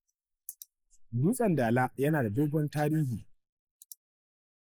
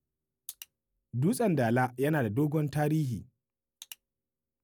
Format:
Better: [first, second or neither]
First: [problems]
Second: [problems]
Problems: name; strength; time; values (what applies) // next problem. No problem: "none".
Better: second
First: noise reduction (neural mask model Resemble Enhance denoiser)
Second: none